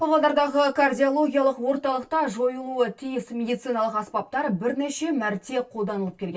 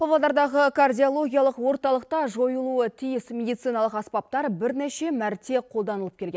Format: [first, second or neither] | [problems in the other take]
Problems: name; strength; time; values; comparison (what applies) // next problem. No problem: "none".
second | room echo; dies away in 0.1 s